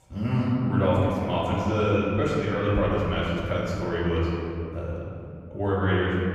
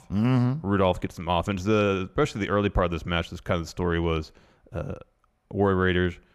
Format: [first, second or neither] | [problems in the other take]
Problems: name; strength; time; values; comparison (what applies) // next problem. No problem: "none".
second | room echo; strong; dies away in 2.6 s // off-mic speech; far